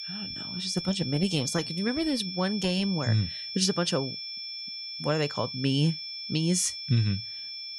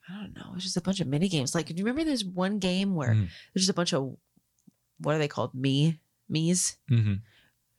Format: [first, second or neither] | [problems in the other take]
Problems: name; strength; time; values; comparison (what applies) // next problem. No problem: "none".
second | high-pitched whine; loud; throughout; 5.5 kHz, 6 dB below the speech